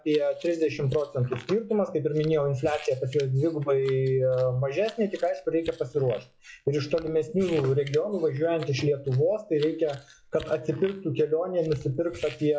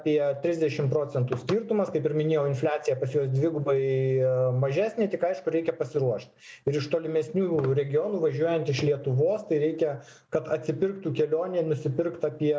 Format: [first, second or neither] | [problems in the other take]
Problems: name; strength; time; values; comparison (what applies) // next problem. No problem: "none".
second | noise reduction (classical method log-MMSE)